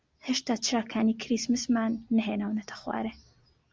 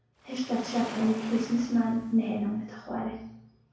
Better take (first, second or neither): first